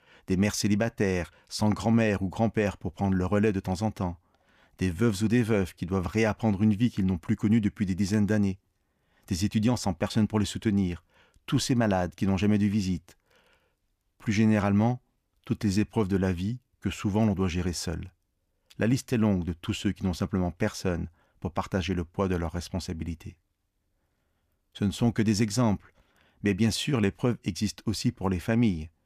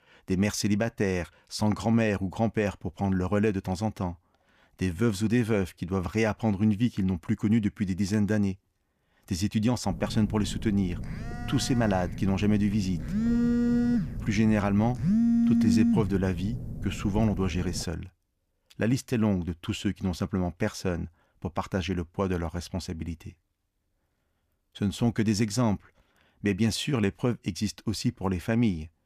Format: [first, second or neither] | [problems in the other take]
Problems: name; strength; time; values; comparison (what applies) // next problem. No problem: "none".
first | phone ringing; loud; from 10 to 18 s; peak 5 dB above the speech